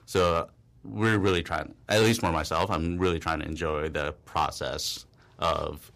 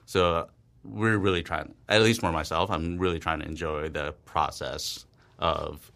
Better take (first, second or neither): second